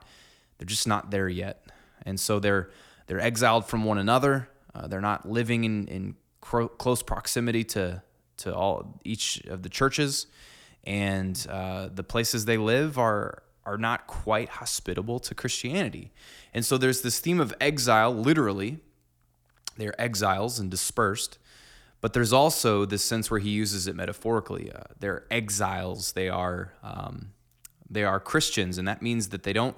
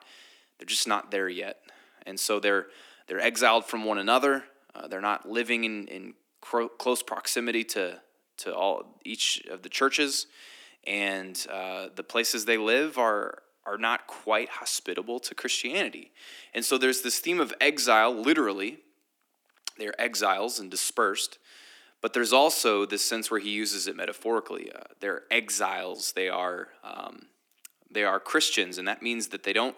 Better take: first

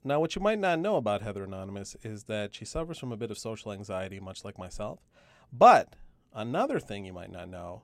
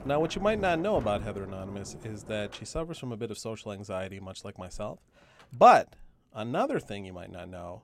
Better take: first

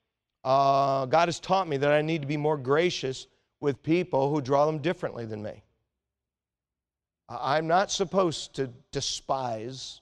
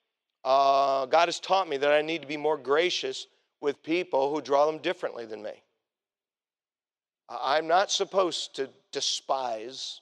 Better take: first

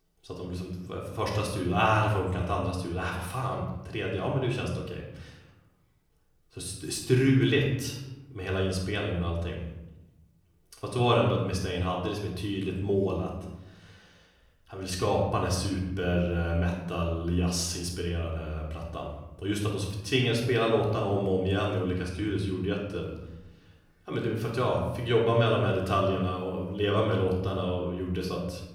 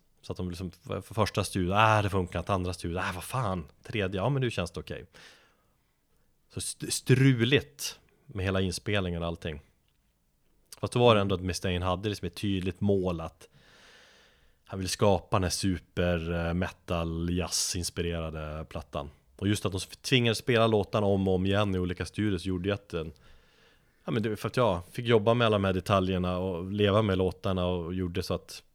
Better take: second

